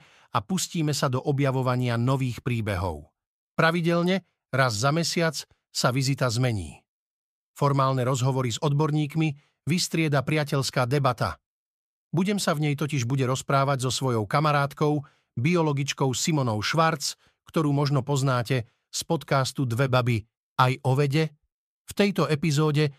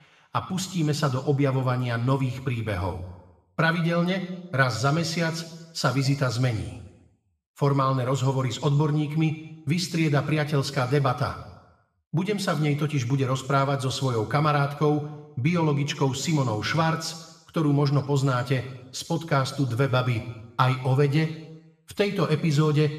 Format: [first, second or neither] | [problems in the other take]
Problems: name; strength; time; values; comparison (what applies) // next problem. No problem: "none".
first | room echo; slight; dies away in 0.9 s